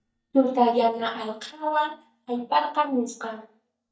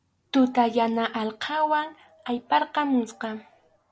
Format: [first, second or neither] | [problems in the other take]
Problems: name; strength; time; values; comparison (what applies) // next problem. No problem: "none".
second | noise reduction (neural mask model DeepFilterNet 3)